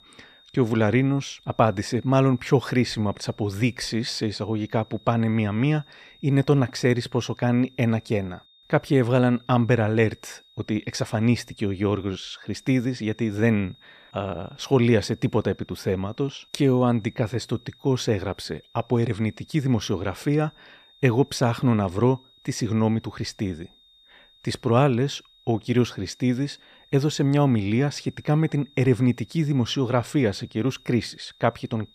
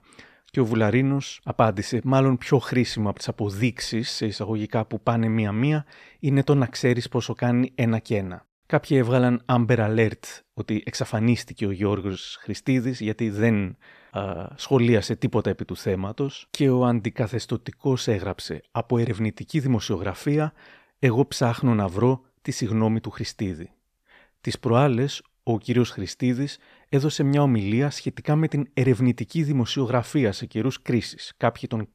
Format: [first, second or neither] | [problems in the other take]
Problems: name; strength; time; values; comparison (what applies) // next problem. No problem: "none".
second | high-pitched whine; faint; throughout; 3.5 kHz, 30 dB below the speech